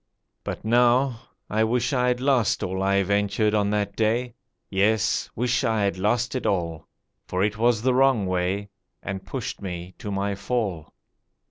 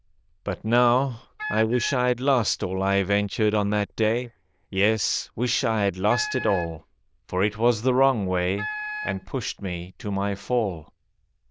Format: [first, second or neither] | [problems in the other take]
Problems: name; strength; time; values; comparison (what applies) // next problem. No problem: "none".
first | noise reduction (neural diffusion model UNIVERSE++)